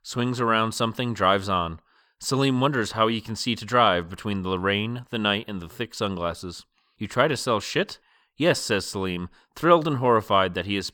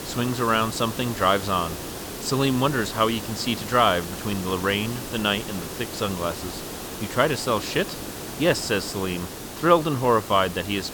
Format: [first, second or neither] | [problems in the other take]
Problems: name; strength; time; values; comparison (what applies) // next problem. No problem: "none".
first | hiss; loud; throughout; 9 dB below the speech